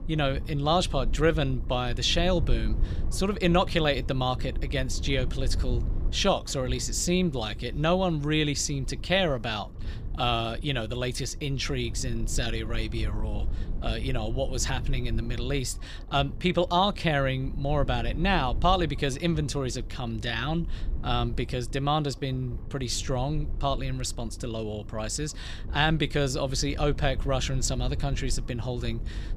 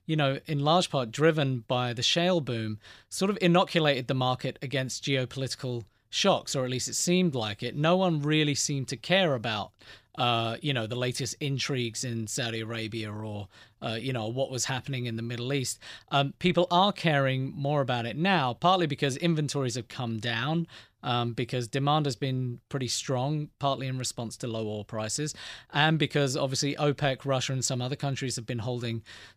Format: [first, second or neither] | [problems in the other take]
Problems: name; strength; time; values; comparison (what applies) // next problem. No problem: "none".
second | low rumble; faint; throughout; 20 dB below the speech